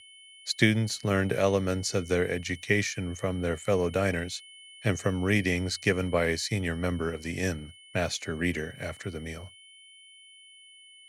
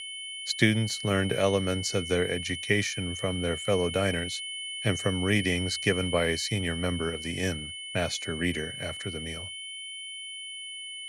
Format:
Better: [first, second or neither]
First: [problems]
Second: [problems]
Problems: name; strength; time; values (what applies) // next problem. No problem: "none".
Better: first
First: high-pitched whine; faint; throughout; 3 kHz, 20 dB below the speech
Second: high-pitched whine; loud; throughout; 3 kHz, 6 dB below the speech